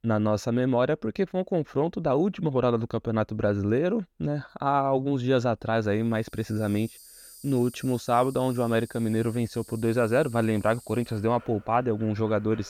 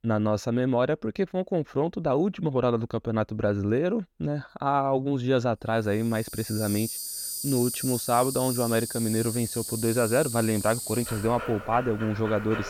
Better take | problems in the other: first | animal sounds; loud; from 6.5 s on; 6 dB below the speech; faint in the first

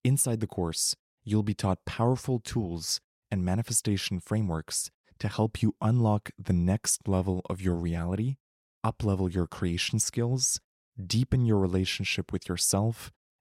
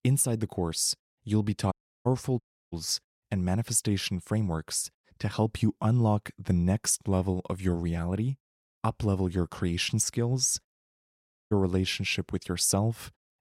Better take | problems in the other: first | audio cutting out; at 1.5 s, at 2.5 s and at 11 s for 0.5 s

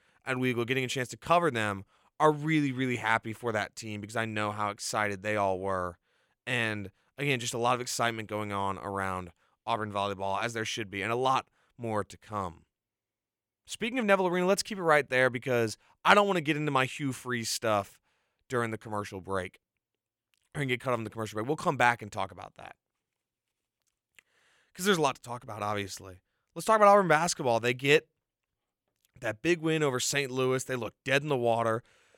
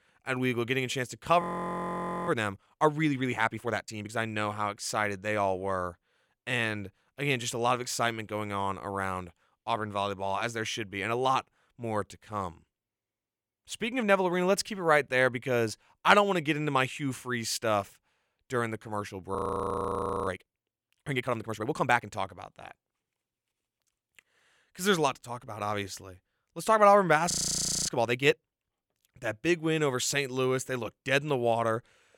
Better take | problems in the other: first | audio freezing; at 1.5 s for 1 s, at 19 s for 1 s and at 27 s for 0.5 s

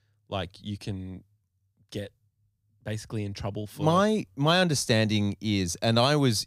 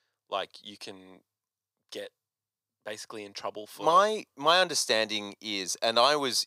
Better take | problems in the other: first | thin; very; fading below 550 Hz

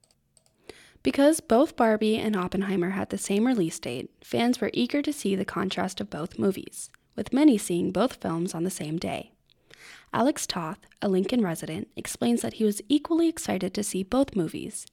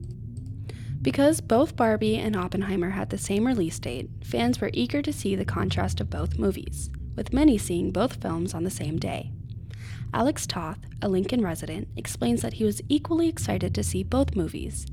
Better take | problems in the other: first | low rumble; faint; throughout; 20 dB below the speech

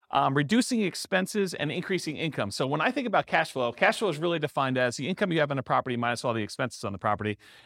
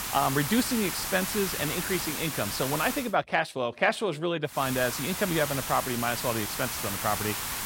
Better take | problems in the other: first | hiss; loud; until 3 s and from 4.5 s on; 3 dB below the speech

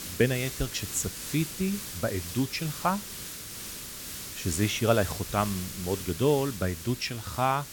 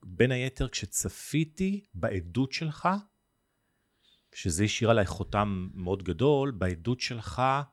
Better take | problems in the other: second | hiss; loud; throughout; 8 dB below the speech

